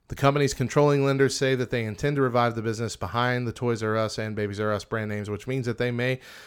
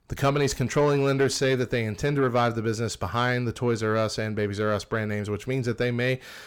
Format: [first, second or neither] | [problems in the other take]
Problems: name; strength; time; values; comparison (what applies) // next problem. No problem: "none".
first | distortion; slight; 10 dB below the speech